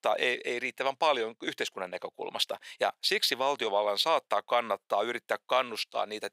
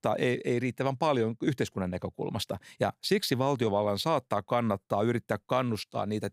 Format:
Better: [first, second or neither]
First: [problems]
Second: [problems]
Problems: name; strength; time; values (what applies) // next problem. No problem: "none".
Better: second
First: thin; very; fading below 600 Hz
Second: none